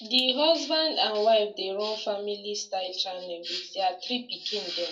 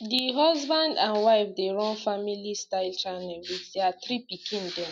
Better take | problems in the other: second | room echo; dies away in 0.2 s

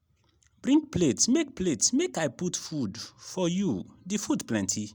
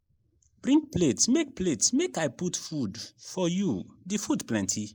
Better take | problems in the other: first | noise reduction (neural mask model Resemble Enhance denoiser)

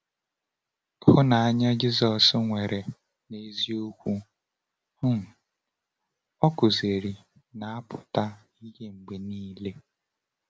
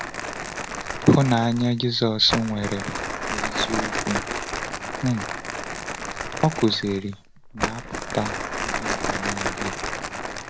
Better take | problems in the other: first | background sound (Crumpling, crinkling); 3 dB below the speech

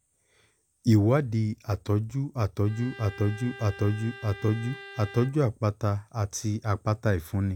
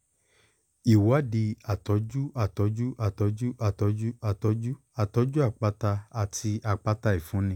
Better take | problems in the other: second | background sound (Bowed string instrument); 17 dB below the speech

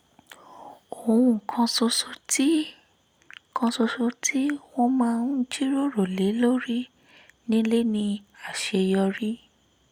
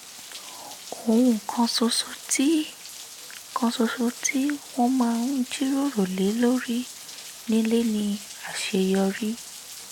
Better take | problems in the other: first | background sound (Rain); 16 dB below the speech

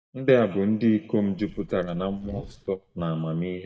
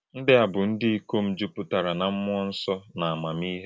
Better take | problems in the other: second | noise reduction (neural mask model DeepFilterNet 3)

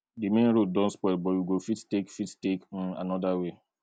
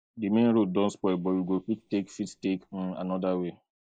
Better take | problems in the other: first | noise reduction (neural mask model Resemble Enhance denoiser)

